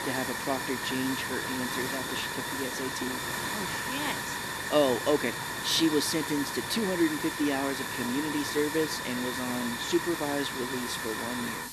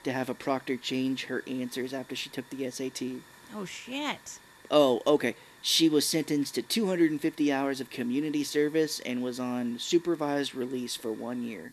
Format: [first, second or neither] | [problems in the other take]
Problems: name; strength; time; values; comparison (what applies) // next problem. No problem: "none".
second | hiss; loud; throughout; 2 dB below the speech; faint in the second